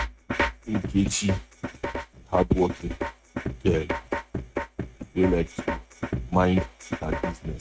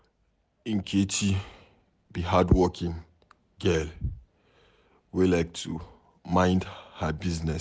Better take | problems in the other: second | noise reduction (neural mask model RNNoise)

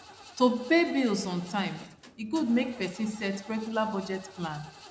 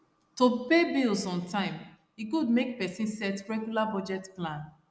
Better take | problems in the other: second | background sound (Engine starting / Car); 20 dB below the speech

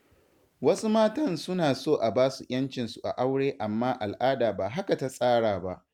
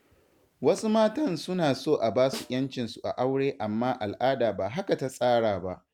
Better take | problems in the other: first | background sound (Snare drum); 18 dB below the speech

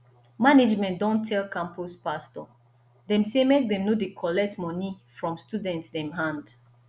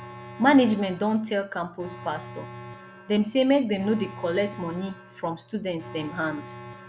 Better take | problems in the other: first | background sound (Alarm); 16 dB below the speech

